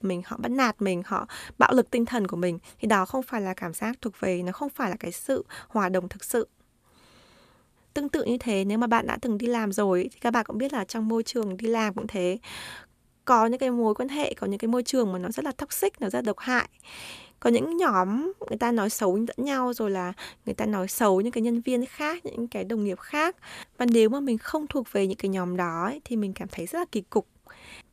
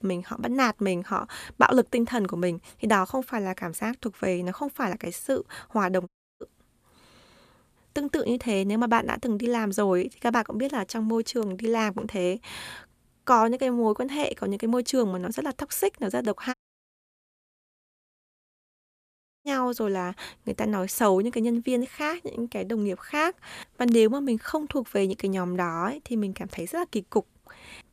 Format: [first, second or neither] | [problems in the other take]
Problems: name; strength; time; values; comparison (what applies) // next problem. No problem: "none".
first | audio cutting out; at 6 s and at 17 s for 3 s